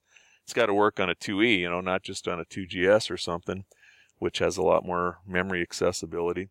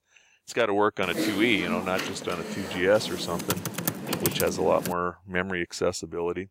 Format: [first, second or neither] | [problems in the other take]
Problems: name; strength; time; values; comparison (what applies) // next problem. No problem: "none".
first | keyboard typing; loud; from 1 to 5 s; peak level with the speech